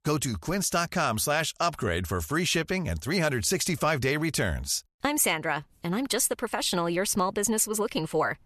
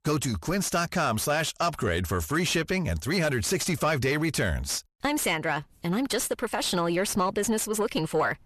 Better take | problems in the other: first | distortion; slight; 10 dB below the speech

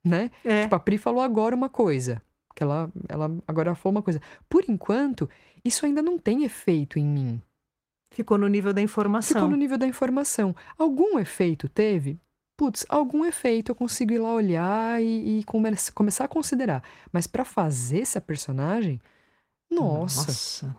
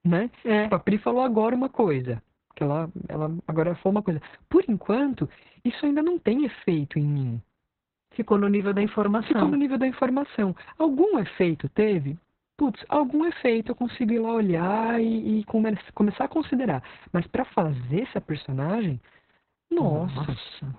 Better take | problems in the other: first | garbled, watery; badly; nothing above 4 kHz; slightly in the first

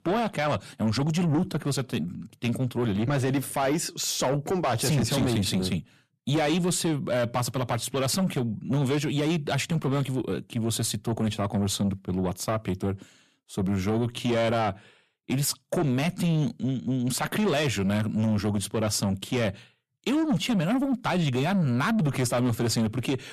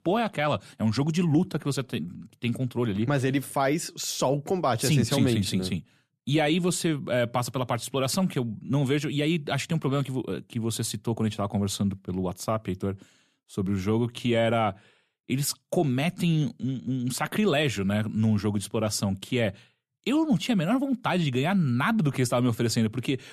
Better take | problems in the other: second | distortion; slight; 10 dB below the speech

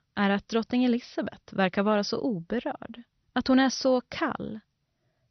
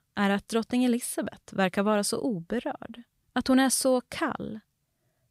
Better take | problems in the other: second | garbled, watery; slightly; nothing above 6 kHz

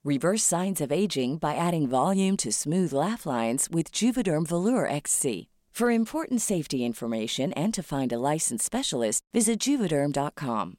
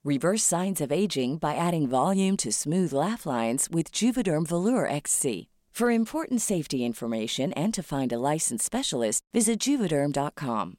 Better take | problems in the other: neither | none

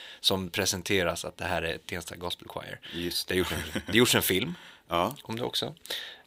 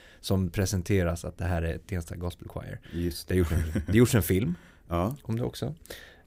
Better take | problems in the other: second | thin; somewhat; fading below 600 Hz

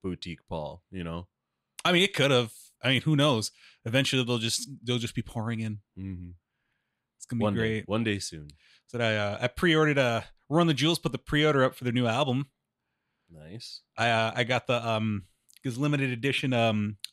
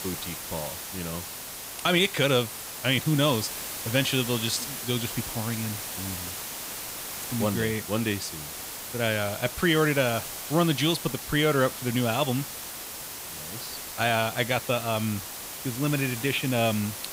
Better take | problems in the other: first | hiss; loud; throughout; 7 dB below the speech

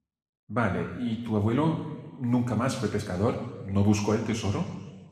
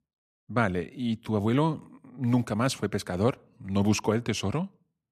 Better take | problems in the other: second | room echo; noticeable; dies away in 1.2 s // off-mic speech; somewhat distant

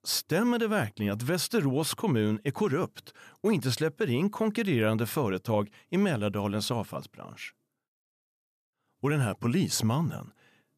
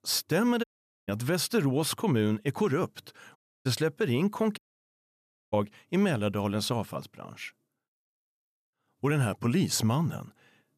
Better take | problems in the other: first | audio cutting out; at 0.5 s, at 3.5 s and at 4.5 s for 1 s

